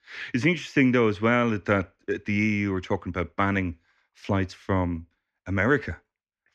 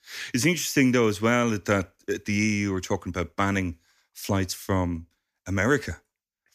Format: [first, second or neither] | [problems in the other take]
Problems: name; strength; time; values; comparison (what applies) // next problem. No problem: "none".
second | muffled; slightly; fading above 2.5 kHz